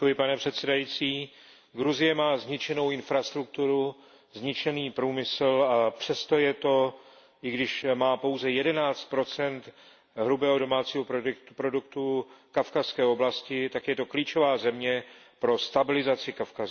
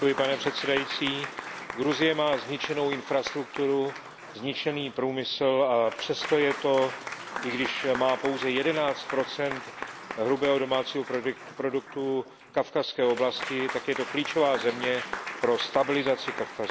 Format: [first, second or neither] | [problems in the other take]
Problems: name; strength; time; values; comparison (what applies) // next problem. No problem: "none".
first | background sound (Applause / Crowd); 10 dB below the speech